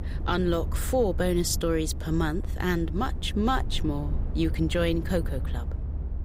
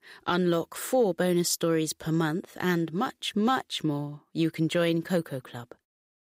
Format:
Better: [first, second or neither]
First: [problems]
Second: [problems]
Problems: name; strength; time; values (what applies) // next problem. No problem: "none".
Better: second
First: low rumble; noticeable; throughout; 15 dB below the speech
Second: none